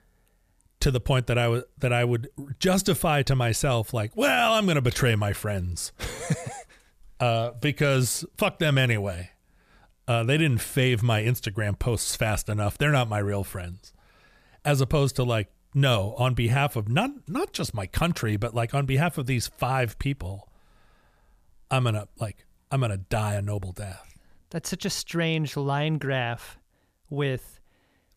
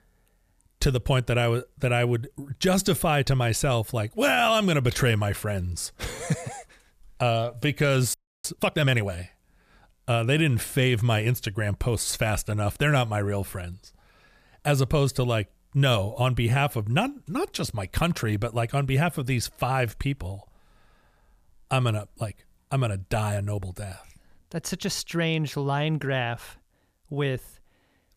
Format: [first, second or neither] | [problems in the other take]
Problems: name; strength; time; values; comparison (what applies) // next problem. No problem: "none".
first | audio freezing; at 8 s